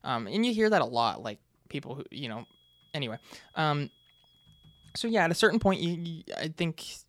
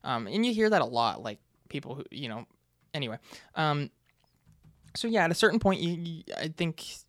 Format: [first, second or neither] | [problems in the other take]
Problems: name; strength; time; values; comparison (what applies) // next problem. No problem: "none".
second | high-pitched whine; faint; from 2 to 6 s; 3.5 kHz, 30 dB below the speech